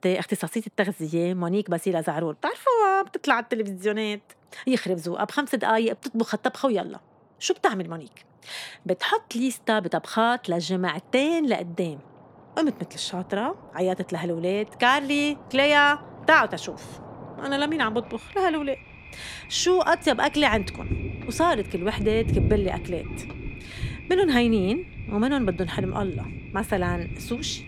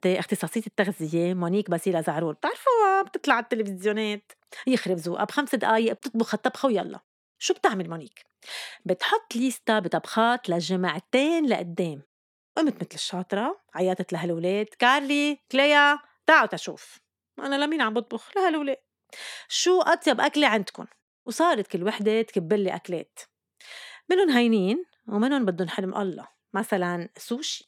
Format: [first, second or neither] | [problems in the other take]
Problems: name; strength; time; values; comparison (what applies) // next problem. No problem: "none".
second | rain or running water; noticeable; throughout; 10 dB below the speech